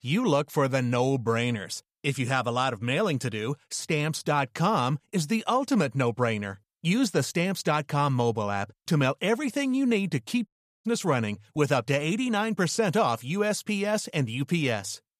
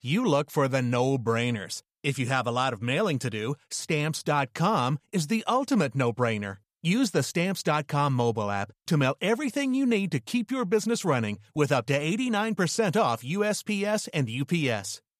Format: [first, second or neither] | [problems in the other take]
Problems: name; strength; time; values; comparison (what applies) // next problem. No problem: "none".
second | audio cutting out; at 10 s